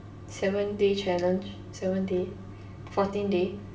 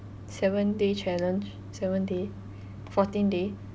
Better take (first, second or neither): second